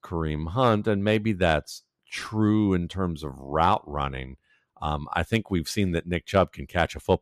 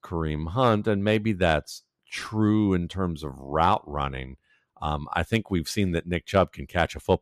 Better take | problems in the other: neither | none

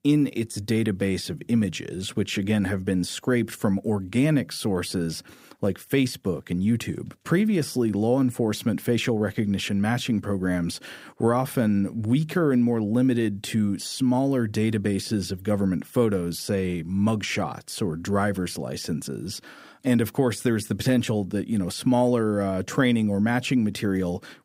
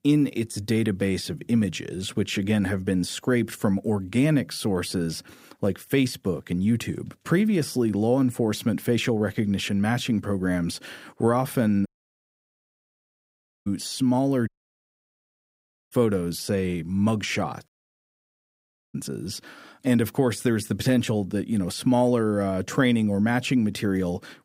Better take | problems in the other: first | audio cutting out; at 12 s for 2 s, at 14 s for 1.5 s and at 18 s for 1.5 s

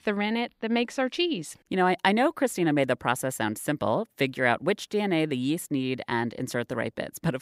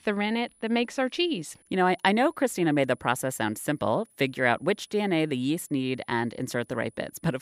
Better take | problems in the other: first | high-pitched whine; faint; throughout; 10 kHz, 35 dB below the speech

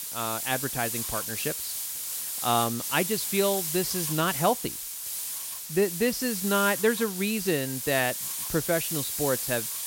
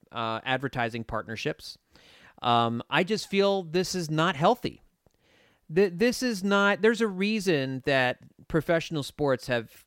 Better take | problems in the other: second | hiss; loud; throughout; 2 dB below the speech

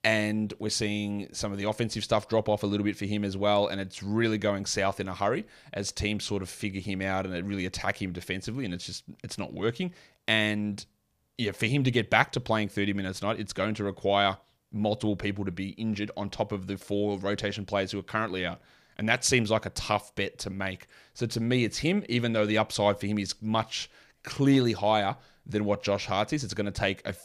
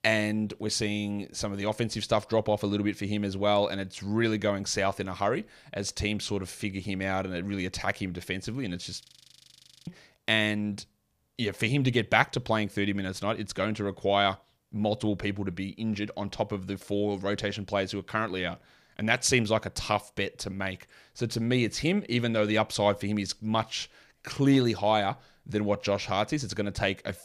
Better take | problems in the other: first | audio freezing; at 9 s for 1 s

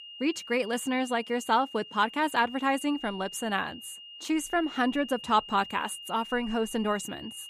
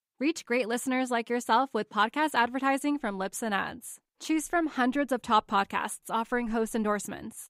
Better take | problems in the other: second | high-pitched whine; noticeable; throughout; 3 kHz, 15 dB below the speech

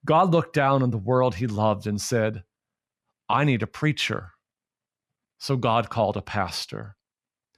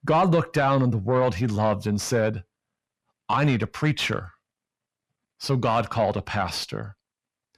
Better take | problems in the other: first | distortion; slight; 10 dB below the speech

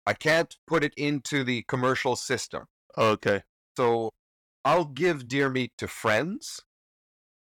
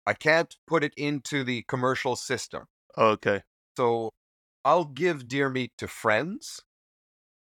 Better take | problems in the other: second | distortion; slight; 3% of the sound clipped

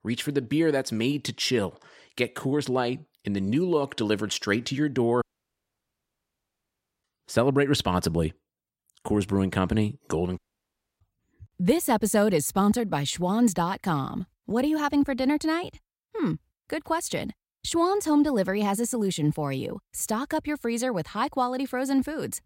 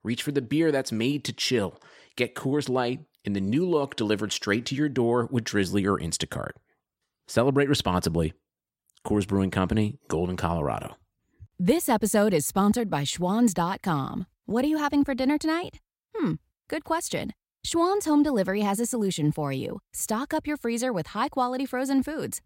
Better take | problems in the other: second | audio cutting out; at 5 s for 2 s and at 10 s for 0.5 s

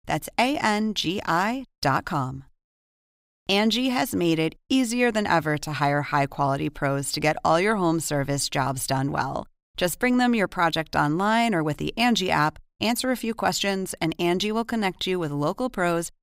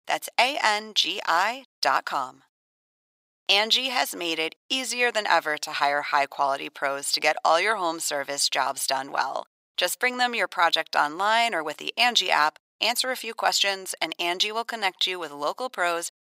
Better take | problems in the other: first | thin; very; fading below 650 Hz

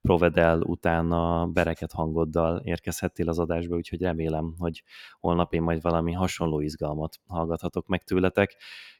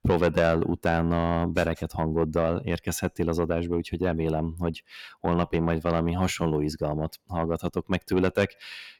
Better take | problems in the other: first | distortion; slight; 10 dB below the speech

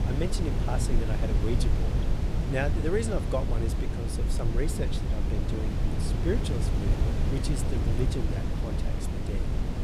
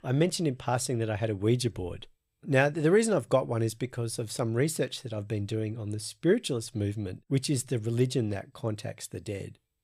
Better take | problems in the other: second | wind noise on the microphone; heavy; 2 dB below the speech

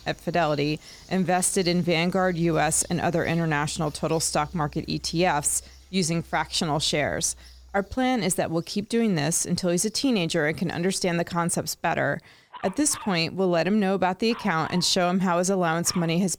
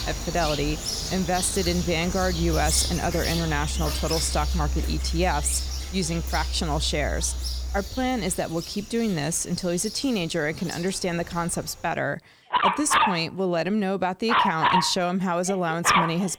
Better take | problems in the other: first | animal sounds; loud; throughout; 1 dB below the speech; faint in the first

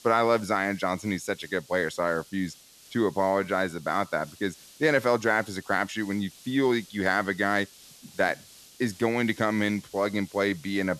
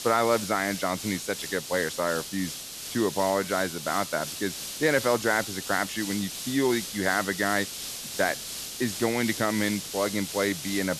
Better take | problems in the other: first | hiss; loud; throughout; 6 dB below the speech; faint in the first

